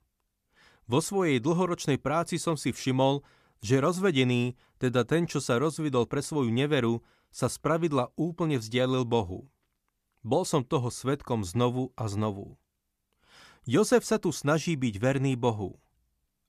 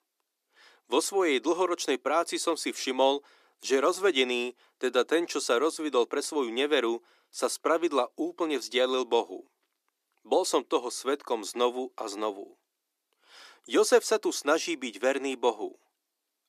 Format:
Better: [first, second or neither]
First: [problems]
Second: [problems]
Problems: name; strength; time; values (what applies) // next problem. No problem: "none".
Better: first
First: none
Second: thin; somewhat; fading below 300 Hz